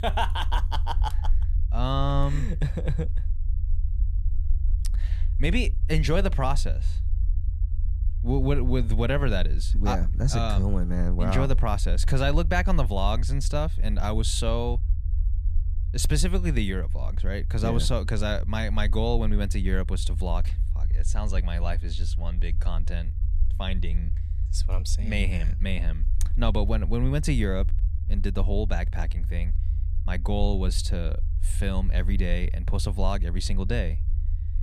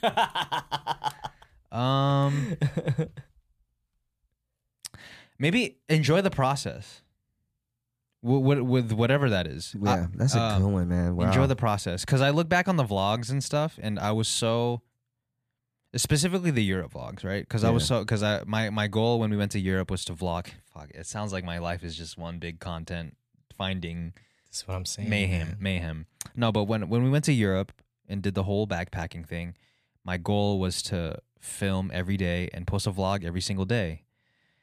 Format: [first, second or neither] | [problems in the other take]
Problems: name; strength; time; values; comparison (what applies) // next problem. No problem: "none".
second | low rumble; noticeable; throughout; 15 dB below the speech